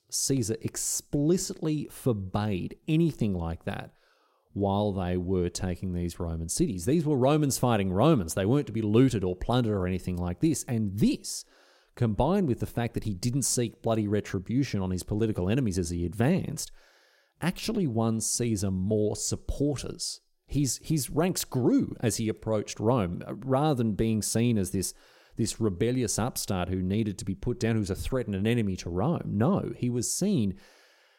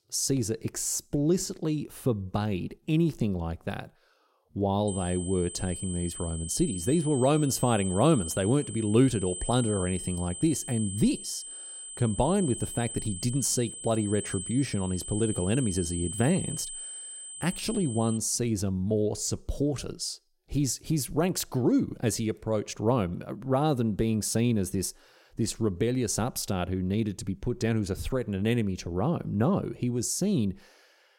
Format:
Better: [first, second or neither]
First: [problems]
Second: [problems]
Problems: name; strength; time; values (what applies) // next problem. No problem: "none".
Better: first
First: none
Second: high-pitched whine; loud; from 5 to 18 s; 8 kHz, 8 dB below the speech